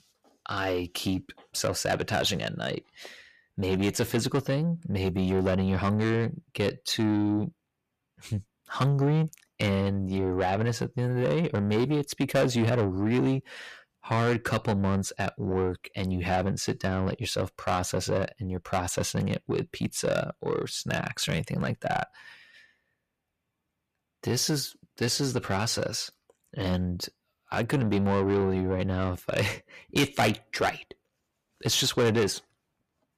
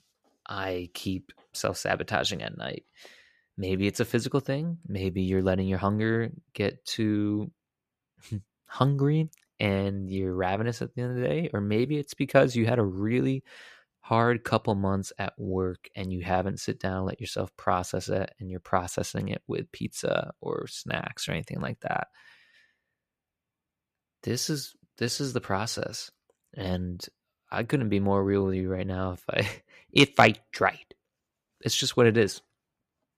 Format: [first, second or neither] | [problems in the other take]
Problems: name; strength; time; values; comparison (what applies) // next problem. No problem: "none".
second | distortion; heavy; 7 dB below the speech